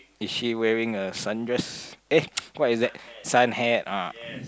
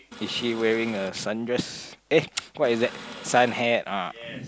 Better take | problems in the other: first | background sound (Printer); 15 dB below the speech

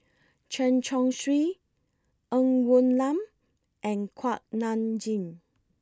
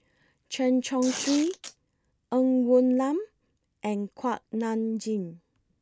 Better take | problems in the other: first | background sound (Tearing); 9 dB below the speech

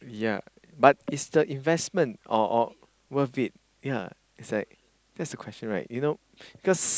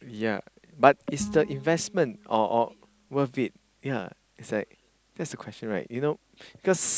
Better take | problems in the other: first | background sound (Bowed string instrument); 16 dB below the speech

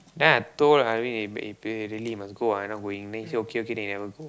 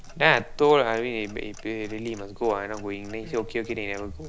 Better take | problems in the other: first | background sound (Clock); 15 dB below the speech

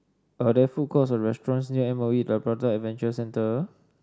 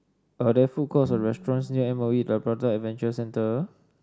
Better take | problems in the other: first | background sound (Bowed string instrument); 17 dB below the speech

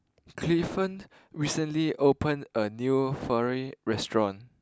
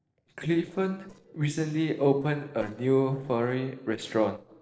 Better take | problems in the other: first | noise reduction (neural separator model SepFormer DNS4)

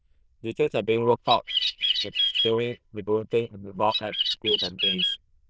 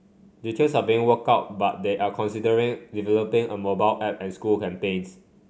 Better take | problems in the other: second | noise reduction (neural diffusion model UNIVERSE++)

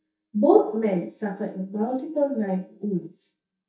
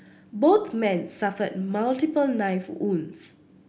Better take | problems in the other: second | noise reduction (neural mask model DeepFilterNet 3)

